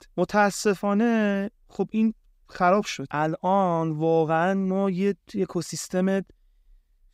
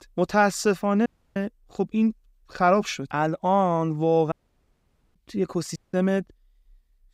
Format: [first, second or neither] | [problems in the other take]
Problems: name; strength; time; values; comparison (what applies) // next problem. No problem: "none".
first | audio cutting out; at 1 s, at 4.5 s for 1 s and at 6 s